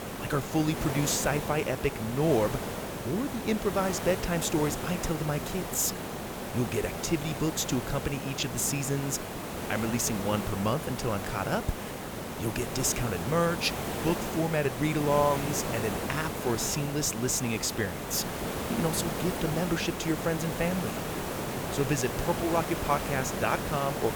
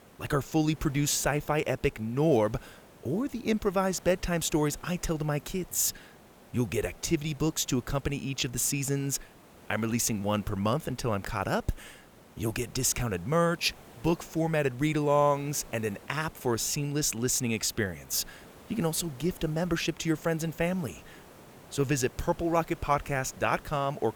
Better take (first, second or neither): second